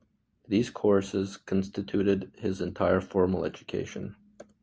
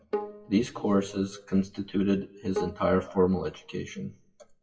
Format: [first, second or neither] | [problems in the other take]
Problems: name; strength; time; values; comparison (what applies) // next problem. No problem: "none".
first | noise reduction (classical method WPE with log-MMSE)